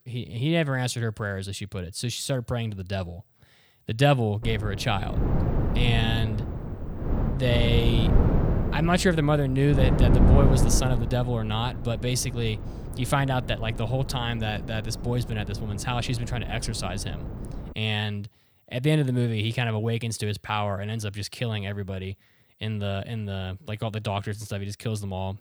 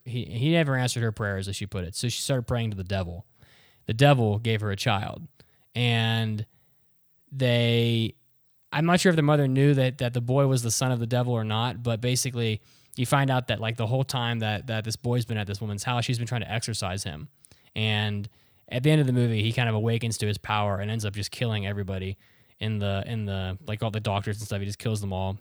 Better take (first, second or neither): second